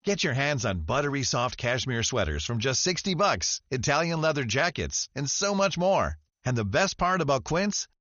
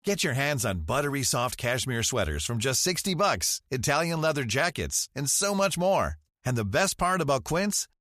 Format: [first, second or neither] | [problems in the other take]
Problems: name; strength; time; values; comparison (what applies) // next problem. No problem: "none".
second | garbled, watery; slightly; nothing above 6.5 kHz